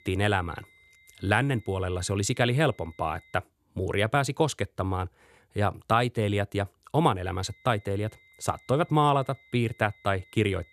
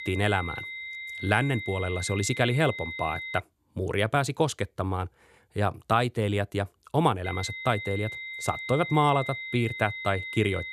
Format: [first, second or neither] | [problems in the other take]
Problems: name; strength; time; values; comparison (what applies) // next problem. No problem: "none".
first | high-pitched whine; loud; until 3.5 s and from 7.5 s on; 2 kHz, 7 dB below the speech; faint in the first